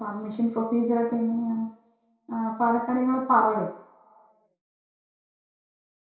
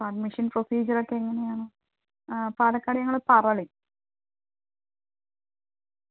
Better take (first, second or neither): second